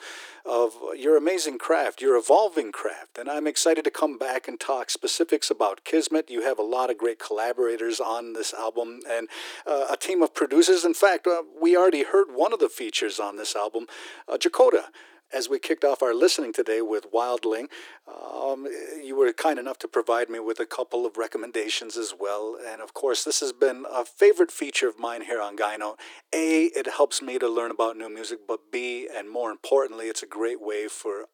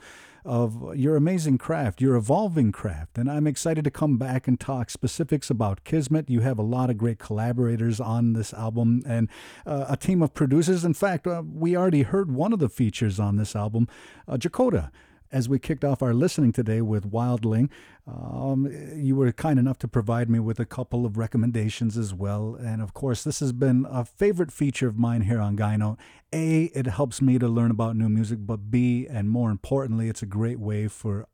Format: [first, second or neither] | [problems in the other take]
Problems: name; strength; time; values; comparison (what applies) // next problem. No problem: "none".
second | thin; very; fading below 350 Hz